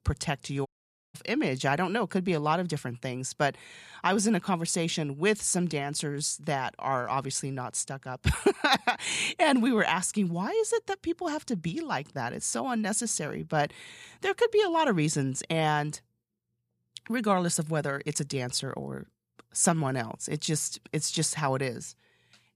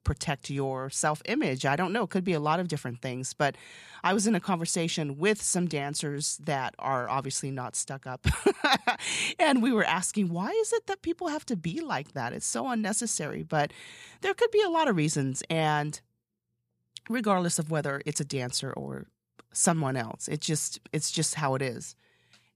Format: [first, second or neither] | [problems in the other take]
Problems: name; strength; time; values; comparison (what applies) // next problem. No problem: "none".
second | audio cutting out; at 0.5 s